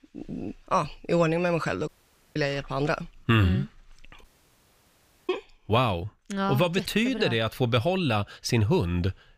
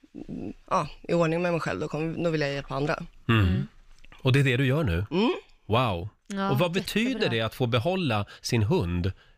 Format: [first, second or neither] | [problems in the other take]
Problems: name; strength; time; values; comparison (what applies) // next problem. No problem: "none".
second | audio cutting out; at 2 s and at 4 s for 1 s